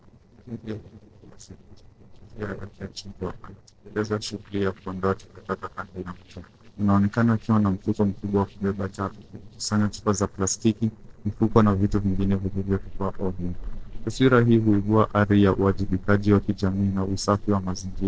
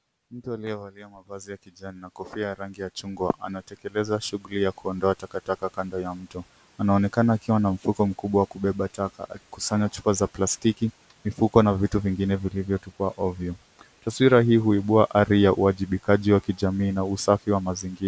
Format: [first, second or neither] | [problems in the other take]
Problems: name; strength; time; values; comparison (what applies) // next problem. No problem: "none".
second | noise reduction (neural separator model SepFormer DNS4)